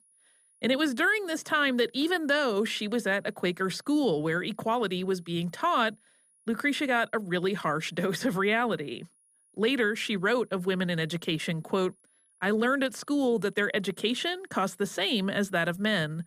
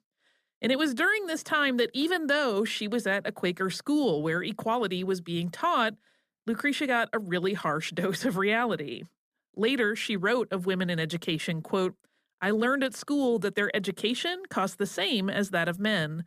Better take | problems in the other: second | high-pitched whine; faint; throughout; 10.5 kHz, 35 dB below the speech

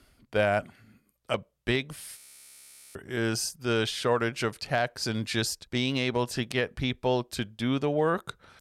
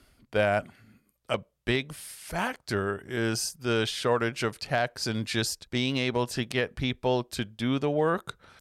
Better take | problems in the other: second | audio freezing; at 2 s for 1 s

